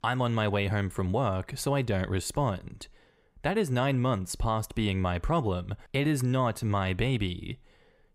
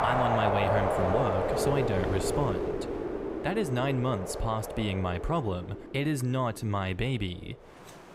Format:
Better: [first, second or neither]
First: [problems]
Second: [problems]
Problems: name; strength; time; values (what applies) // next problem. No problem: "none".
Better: first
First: none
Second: wind in the background; loud; throughout; as loud as the speech